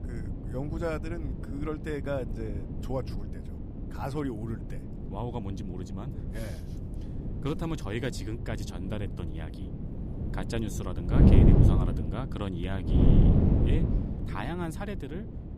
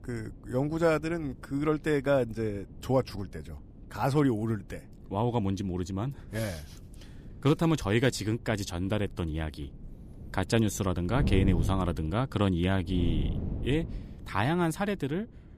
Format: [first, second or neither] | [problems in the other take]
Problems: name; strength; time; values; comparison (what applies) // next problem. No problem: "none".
second | wind noise on the microphone; heavy; 1 dB below the speech; occasional gusts in the second